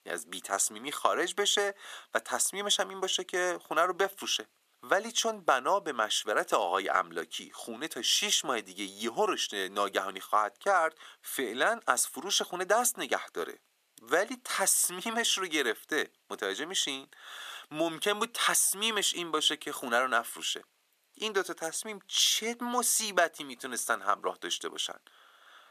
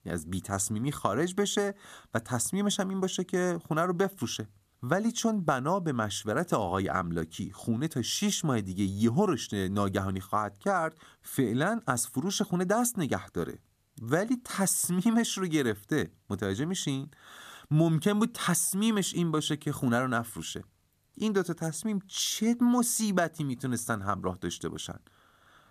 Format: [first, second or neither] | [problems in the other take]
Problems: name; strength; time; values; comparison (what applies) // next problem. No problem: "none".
second | thin; very; fading below 450 Hz